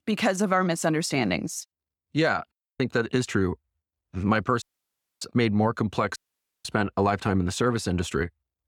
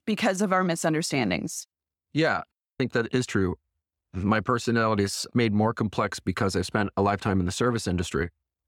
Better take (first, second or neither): second